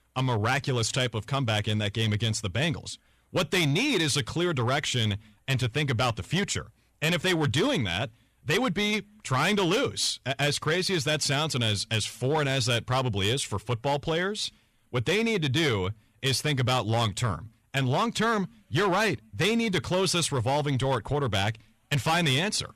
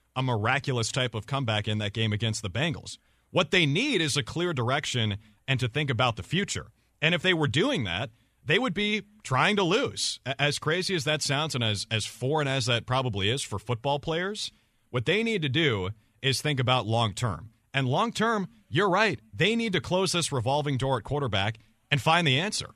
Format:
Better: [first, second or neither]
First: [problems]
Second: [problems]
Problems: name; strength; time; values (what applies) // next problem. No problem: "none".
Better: second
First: distortion; slight; 9% of the sound clipped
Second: none